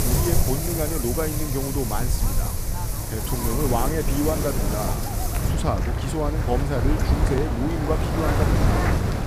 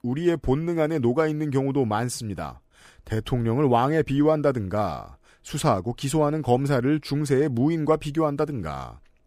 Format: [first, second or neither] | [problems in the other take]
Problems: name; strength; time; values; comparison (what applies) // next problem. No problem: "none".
second | wind in the background; very loud; throughout; 3 dB above the speech